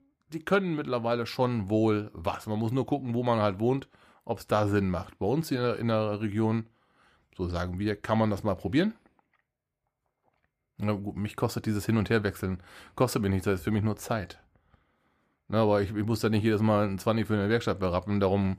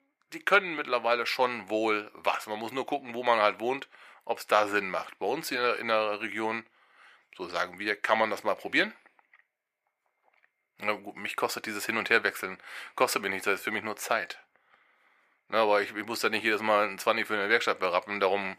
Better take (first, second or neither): first